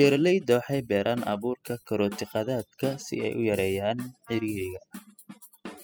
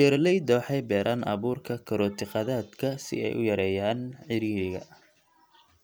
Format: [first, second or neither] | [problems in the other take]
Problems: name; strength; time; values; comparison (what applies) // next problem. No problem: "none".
second | noise reduction (classical method spectral subtraction)